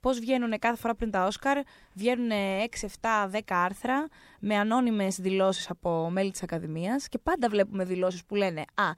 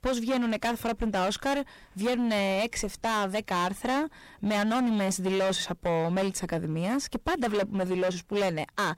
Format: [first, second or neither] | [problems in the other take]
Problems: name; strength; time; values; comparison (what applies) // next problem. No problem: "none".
first | distortion; heavy; 21% of the sound clipped